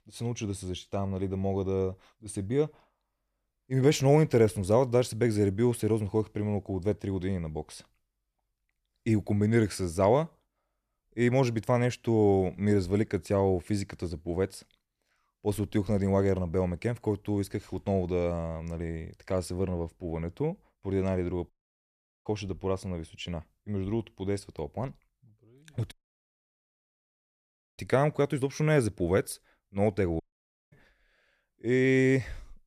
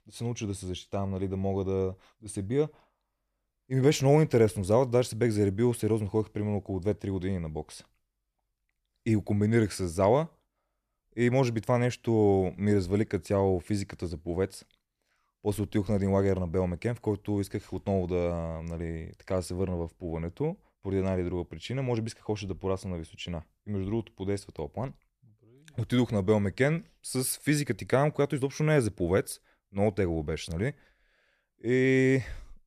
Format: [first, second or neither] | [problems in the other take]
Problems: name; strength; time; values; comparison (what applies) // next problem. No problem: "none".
second | audio cutting out; at 22 s for 1 s, at 26 s for 2 s and at 30 s for 0.5 s